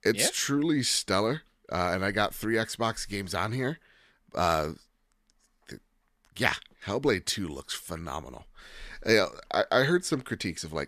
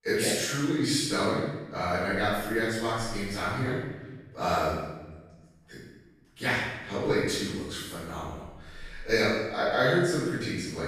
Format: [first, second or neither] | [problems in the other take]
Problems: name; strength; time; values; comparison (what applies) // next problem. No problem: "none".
first | room echo; strong; dies away in 1 s // off-mic speech; far